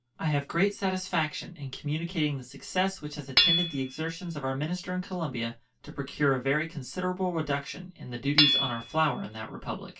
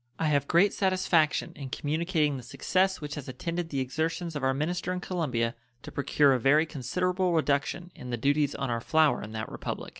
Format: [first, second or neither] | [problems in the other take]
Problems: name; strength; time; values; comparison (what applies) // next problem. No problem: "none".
second | background sound (Hammer / Chink, clink); 4 dB below the speech // room echo; dies away in 0.1 s